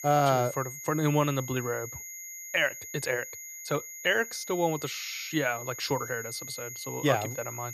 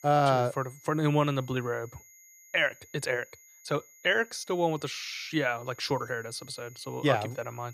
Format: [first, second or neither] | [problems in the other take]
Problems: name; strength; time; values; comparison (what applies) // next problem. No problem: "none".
second | high-pitched whine; loud; throughout; 6.5 kHz, 9 dB below the speech; faint in the second